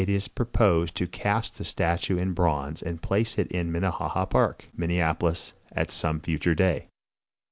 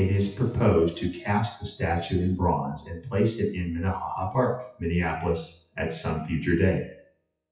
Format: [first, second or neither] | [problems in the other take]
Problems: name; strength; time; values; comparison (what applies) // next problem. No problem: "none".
first | noise reduction (classical method WPE with log-MMSE)